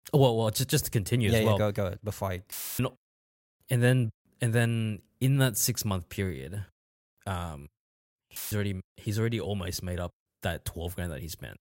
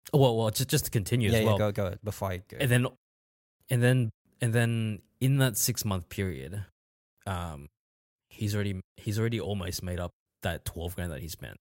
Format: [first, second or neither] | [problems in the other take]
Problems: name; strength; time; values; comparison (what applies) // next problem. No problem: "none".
second | audio cutting out; filled with static; at 2.5 s and at 8.5 s